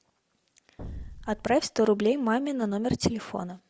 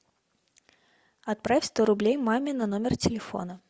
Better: second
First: background sound (Explosion); 13 dB below the speech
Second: none

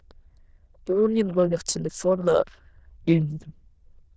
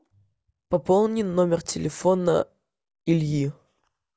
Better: second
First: noise reduction (neural diffusion model UNIVERSE++)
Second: none

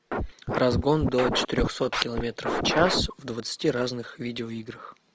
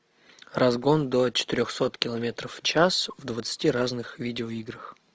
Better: second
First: background sound (Scratching (performance technique)); 1 dB below the speech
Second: none

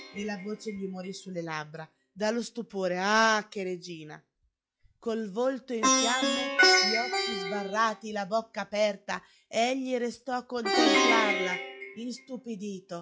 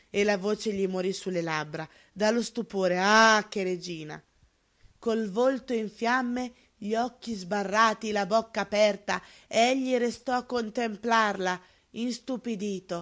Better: second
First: noise reduction (classical method log-MMSE)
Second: none

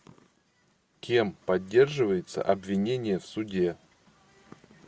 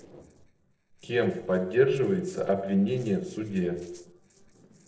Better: first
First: none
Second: noise reduction (neural separator model SepFormer DNS4)

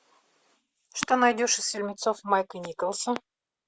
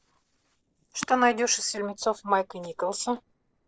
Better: first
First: none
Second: noise reduction (neural separator model SepFormer DNS4)

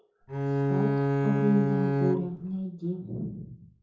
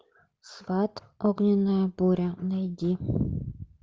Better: second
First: background sound (Bowed string instrument); 4 dB above the speech // room echo; dies away in 0.6 s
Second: none

